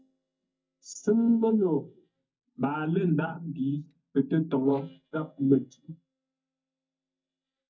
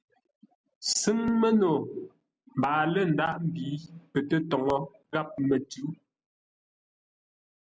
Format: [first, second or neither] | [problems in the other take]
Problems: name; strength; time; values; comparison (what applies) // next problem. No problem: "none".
second | noise reduction (neural mask model DeepFilterNet 3)